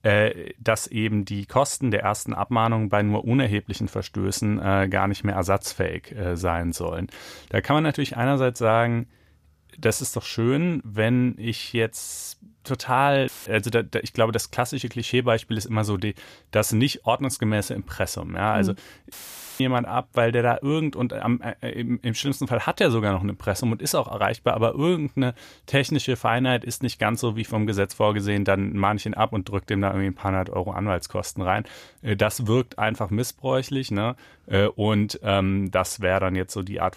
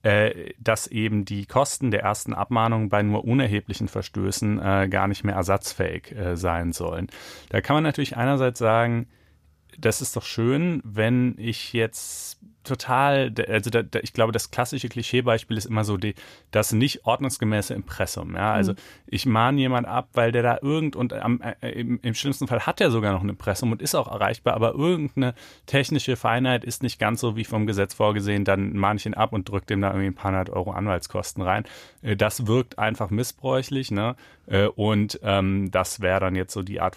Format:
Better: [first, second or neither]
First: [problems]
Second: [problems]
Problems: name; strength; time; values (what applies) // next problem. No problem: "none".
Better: second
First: audio cutting out; filled with static; at 13 s and at 19 s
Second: none